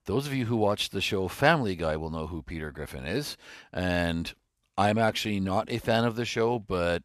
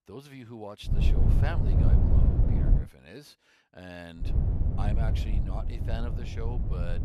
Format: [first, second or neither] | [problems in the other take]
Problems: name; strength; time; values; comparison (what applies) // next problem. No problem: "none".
first | wind noise on the microphone; heavy; from 1 to 3 s and from 4.5 s on; 1 dB above the speech